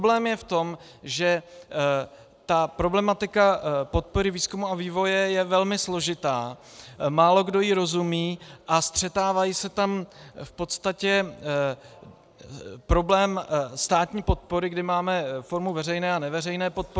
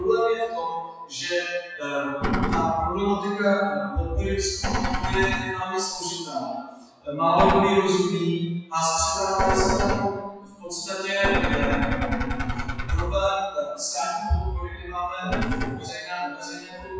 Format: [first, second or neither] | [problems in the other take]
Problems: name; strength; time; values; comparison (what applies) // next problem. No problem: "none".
first | noise reduction (classical method WPE with log-MMSE)